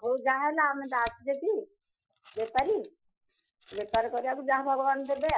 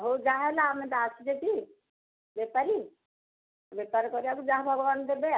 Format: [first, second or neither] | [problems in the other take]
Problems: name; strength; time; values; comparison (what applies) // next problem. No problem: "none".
second | noise reduction (classical method Wiener filter)